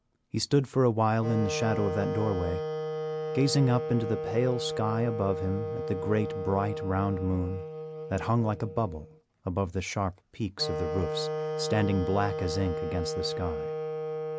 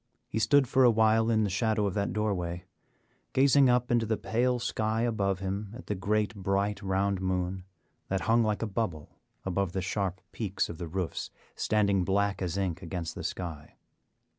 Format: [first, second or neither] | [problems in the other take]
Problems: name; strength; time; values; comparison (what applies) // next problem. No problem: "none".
second | background sound (Wind instrument, woodwind instrument); 5 dB below the speech